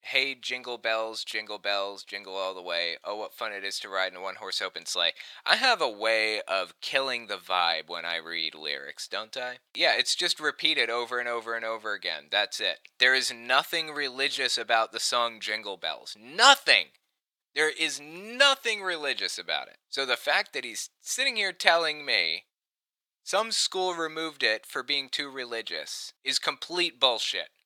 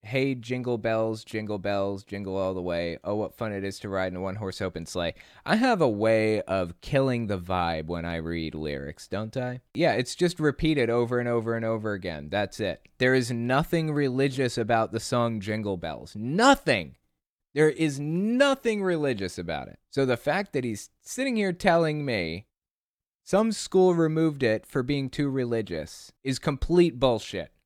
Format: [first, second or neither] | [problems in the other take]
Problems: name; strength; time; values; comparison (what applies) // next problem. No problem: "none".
second | thin; very; fading below 900 Hz